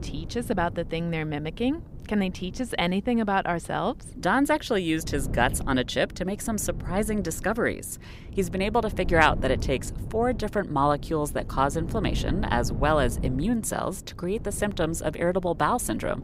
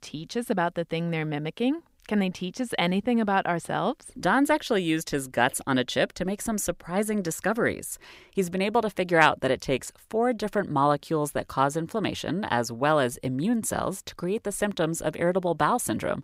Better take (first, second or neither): second